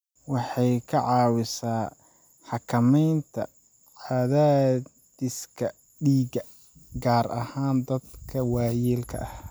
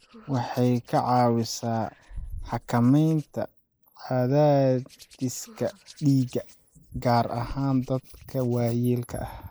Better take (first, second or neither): first